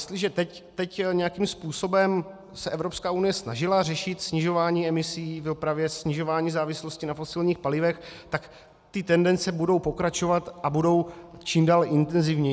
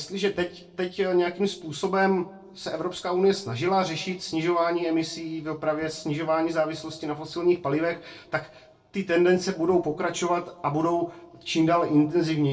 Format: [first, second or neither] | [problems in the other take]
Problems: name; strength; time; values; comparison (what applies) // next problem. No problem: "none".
first | noise reduction (neural separator model SepFormer DNS4)